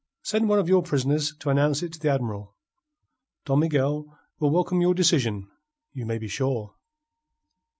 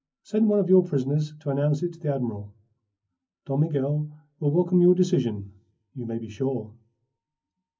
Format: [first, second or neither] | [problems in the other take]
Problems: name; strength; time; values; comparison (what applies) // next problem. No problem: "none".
first | room echo; dies away in 0.3 s